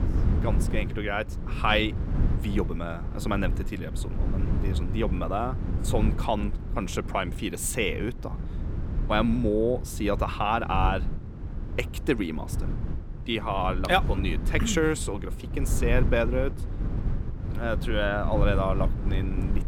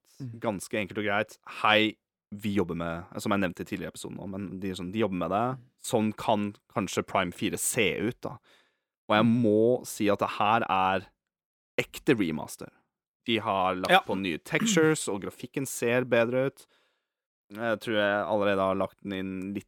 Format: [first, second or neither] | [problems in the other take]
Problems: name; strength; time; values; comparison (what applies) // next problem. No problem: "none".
second | low rumble; noticeable; throughout; 15 dB below the speech